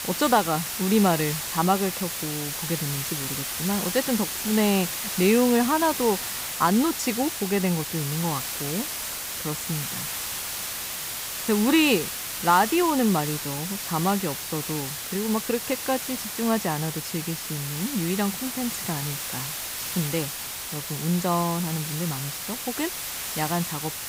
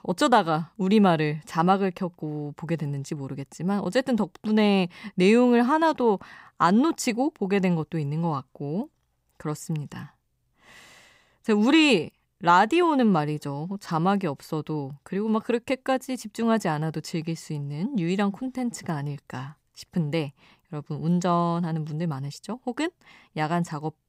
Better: second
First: hiss; loud; throughout; 3 dB below the speech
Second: none

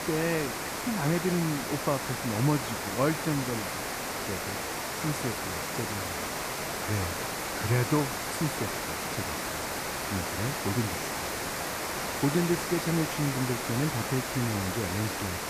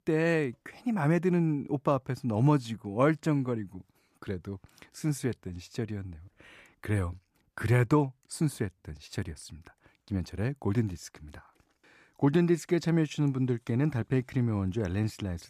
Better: second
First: hiss; loud; throughout; 1 dB below the speech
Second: none

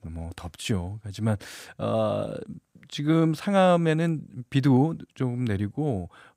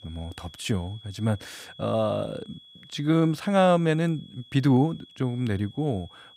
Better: first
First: none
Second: high-pitched whine; faint; throughout; 3.5 kHz, 25 dB below the speech

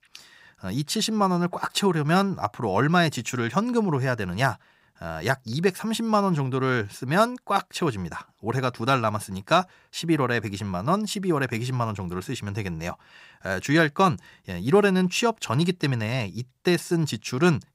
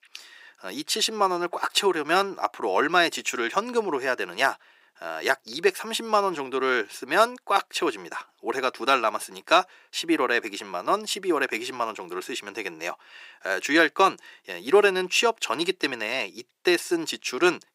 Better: first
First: none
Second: thin; very; fading below 350 Hz

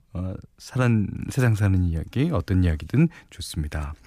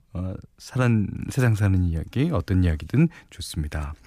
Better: neither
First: none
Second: none

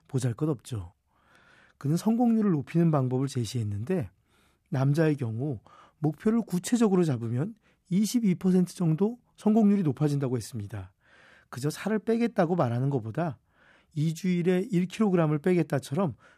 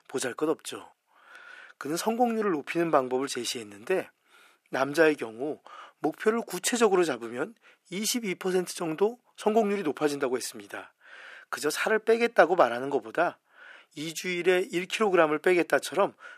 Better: first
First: none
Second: thin; very; fading below 400 Hz

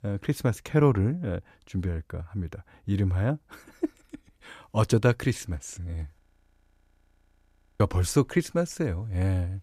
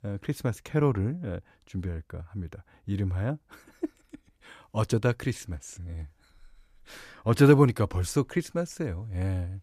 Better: second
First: audio freezing; at 6 s for 1.5 s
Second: none

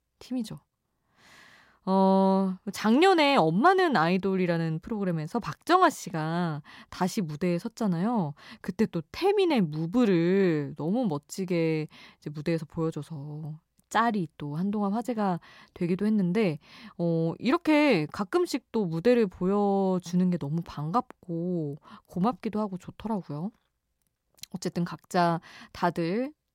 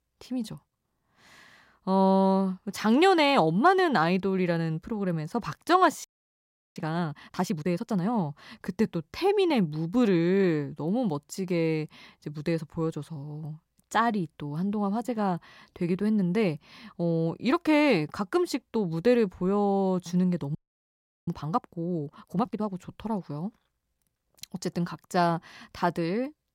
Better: first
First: none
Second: audio freezing; at 6 s for 0.5 s and at 21 s for 0.5 s

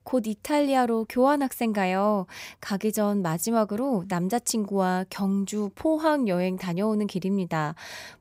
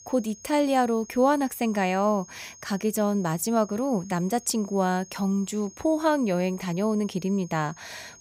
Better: first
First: none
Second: high-pitched whine; faint; throughout; 6.5 kHz, 20 dB below the speech

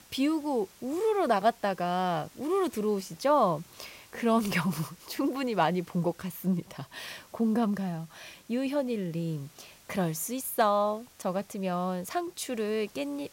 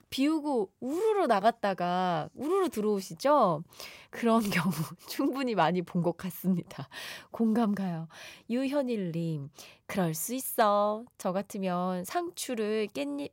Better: second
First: hiss; faint; throughout; 25 dB below the speech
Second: none

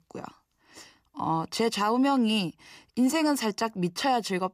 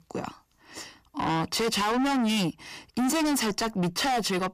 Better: first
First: none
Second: distortion; heavy; 6 dB below the speech

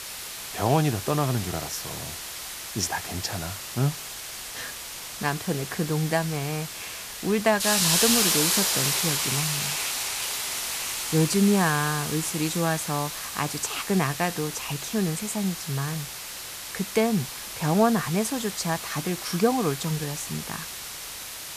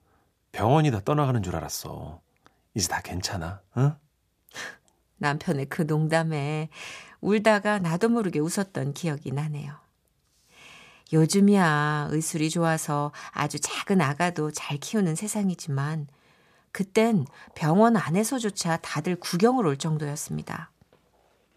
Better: second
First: hiss; loud; throughout; 2 dB below the speech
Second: none

